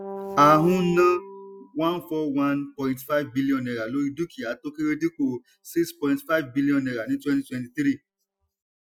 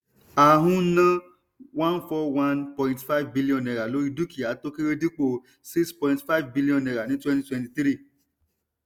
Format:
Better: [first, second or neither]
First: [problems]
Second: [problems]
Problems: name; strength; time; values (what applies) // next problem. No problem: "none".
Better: second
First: noise reduction (classical method Wiener filter)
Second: none